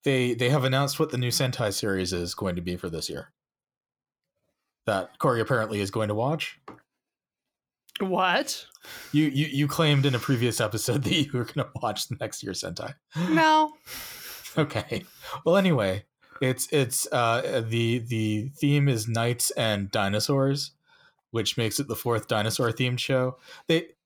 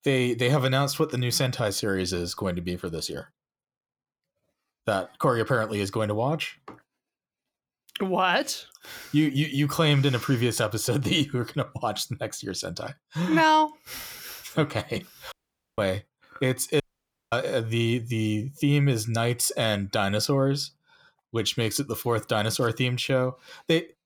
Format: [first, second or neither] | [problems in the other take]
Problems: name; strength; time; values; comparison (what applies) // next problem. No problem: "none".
first | audio cutting out; at 15 s and at 17 s for 0.5 s